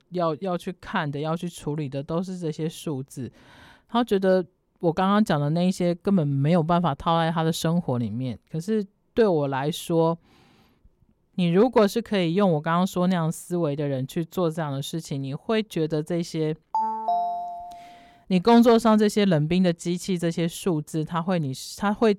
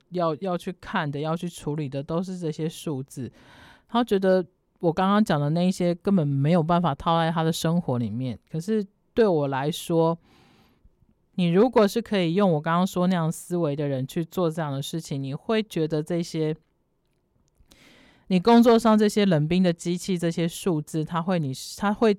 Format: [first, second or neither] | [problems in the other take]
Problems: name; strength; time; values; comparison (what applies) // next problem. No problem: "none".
second | phone ringing; noticeable; at 17 s; peak 1 dB below the speech